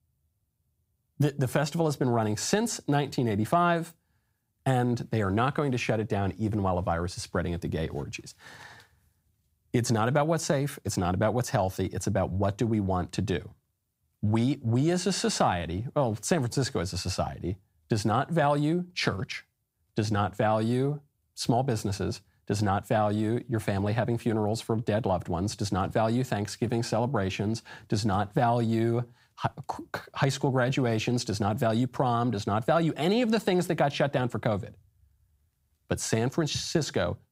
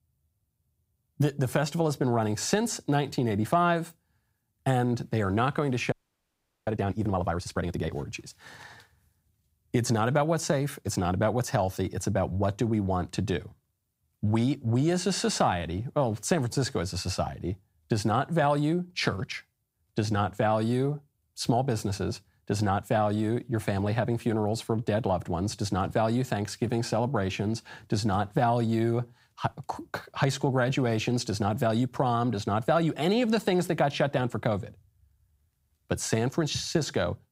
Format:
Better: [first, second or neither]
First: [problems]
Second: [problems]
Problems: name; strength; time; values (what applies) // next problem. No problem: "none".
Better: first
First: none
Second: audio freezing; at 6 s for 1 s